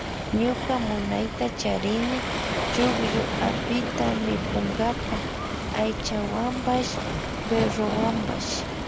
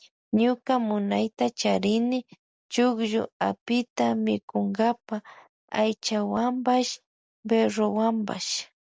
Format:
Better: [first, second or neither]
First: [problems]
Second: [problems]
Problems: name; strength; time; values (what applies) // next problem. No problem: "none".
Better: second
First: background sound (Waves, surf); 1 dB below the speech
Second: none